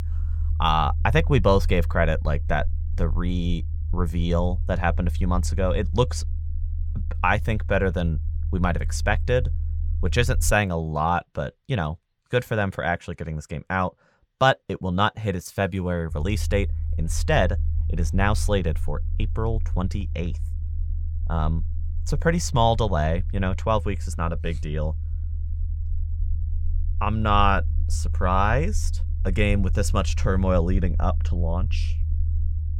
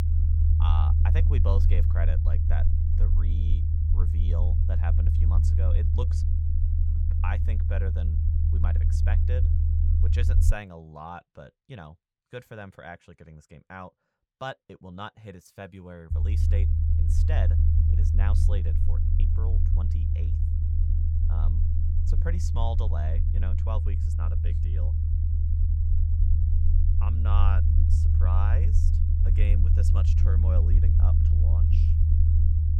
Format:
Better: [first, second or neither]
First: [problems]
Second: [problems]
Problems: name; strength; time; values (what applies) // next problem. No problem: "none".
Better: first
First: low rumble; faint; until 11 s and from 16 s on; 20 dB below the speech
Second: low rumble; loud; until 11 s and from 16 s on; 1 dB below the speech